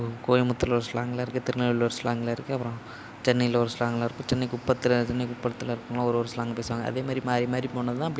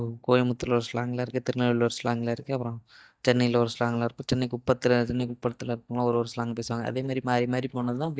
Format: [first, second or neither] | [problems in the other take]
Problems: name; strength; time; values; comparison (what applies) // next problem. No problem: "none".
first | noise reduction (neural mask model DeepFilterNet 3)